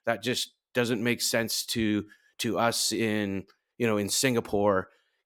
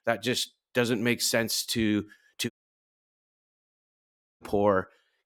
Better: first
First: none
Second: audio cutting out; at 2.5 s for 2 s

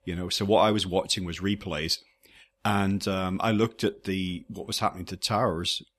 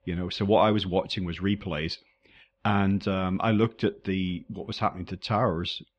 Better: first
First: none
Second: muffled; slightly; fading above 3.5 kHz

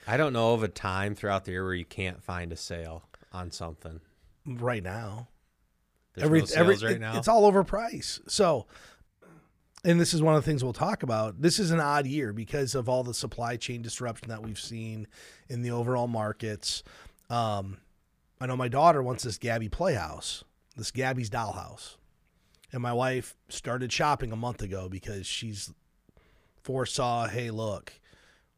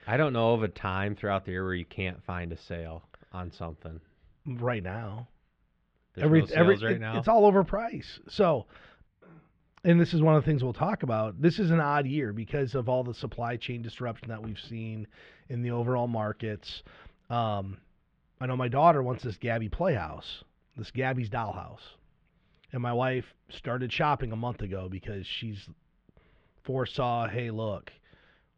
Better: first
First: none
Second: muffled; slightly; fading above 3 kHz

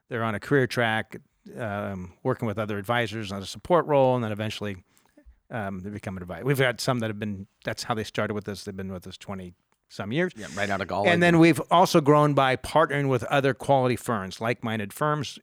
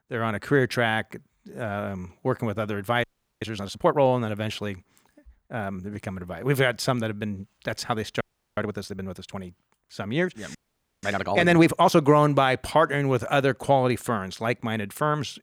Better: first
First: none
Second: audio freezing; at 3 s, at 8 s and at 11 s

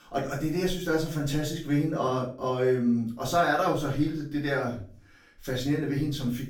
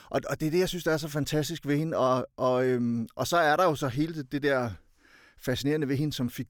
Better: second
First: room echo; slight; dies away in 0.4 s // off-mic speech; far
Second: none

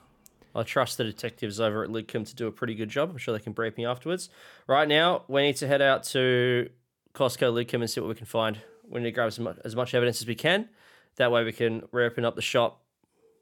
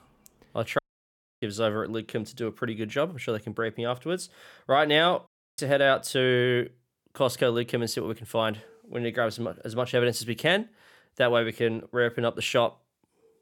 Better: first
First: none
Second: audio cutting out; at 1 s for 0.5 s and at 5.5 s

